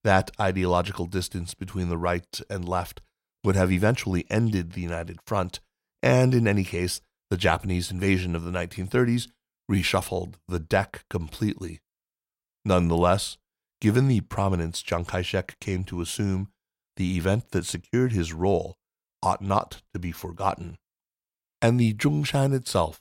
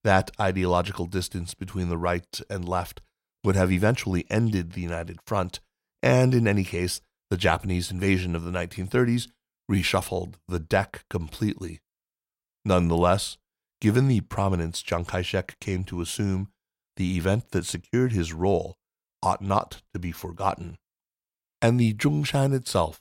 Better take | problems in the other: neither | none

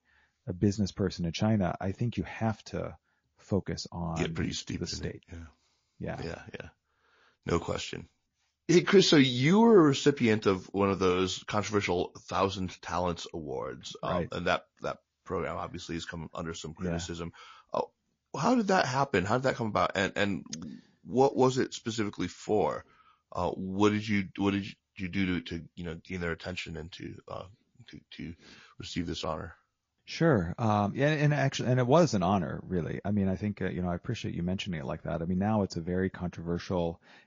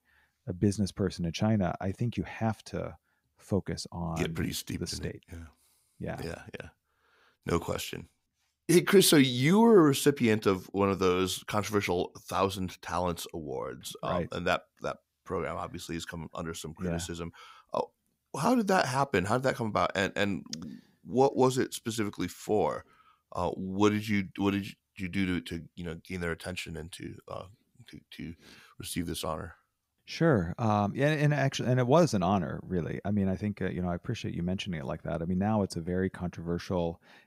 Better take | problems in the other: second | garbled, watery; slightly; nothing above 6.5 kHz

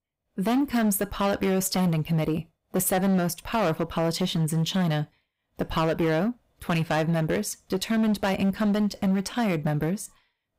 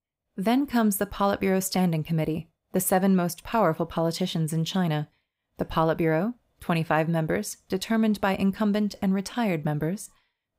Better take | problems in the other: second | distortion; slight; 13% of the sound clipped

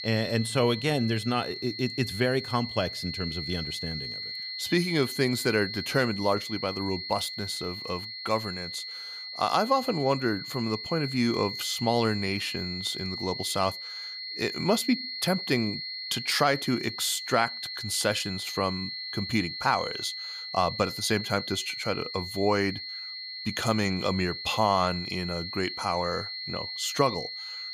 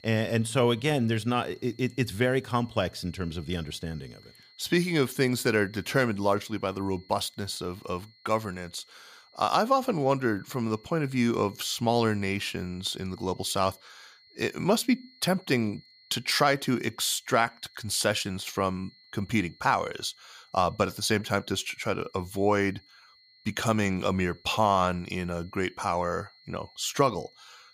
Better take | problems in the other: second | high-pitched whine; loud; throughout; 4 kHz, 6 dB below the speech; faint in the second

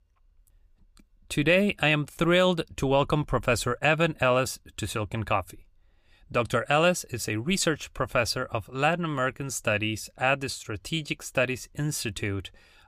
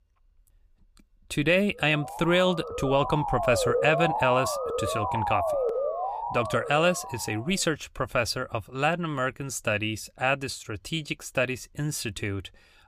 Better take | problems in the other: first | siren; loud; from 2 to 7.5 s; peak 1 dB above the speech

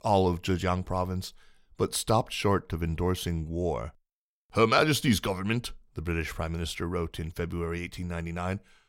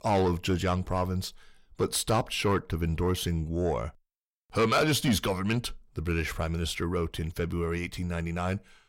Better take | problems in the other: first | distortion; slight; 10 dB below the speech

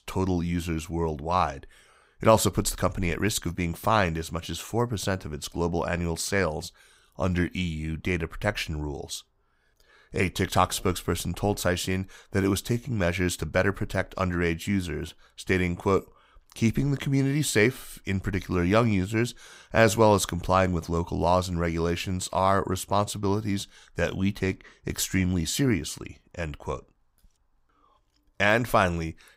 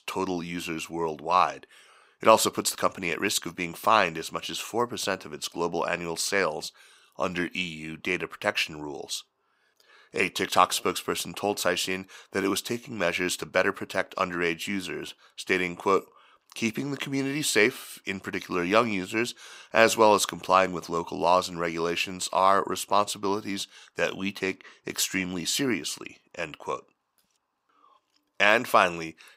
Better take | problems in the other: first | thin; somewhat; fading below 300 Hz

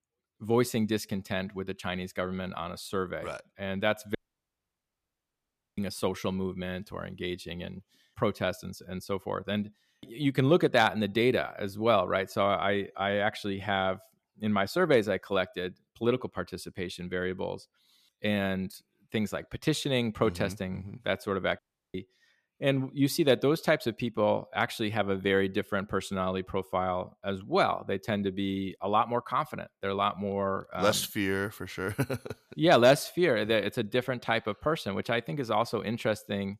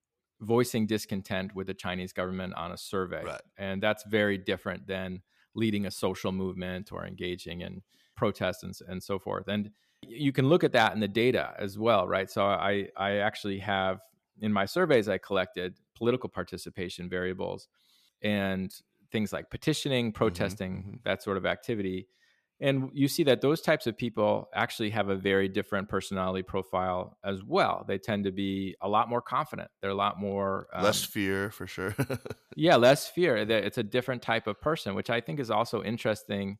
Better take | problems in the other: second | audio cutting out; at 4 s for 1.5 s and at 22 s

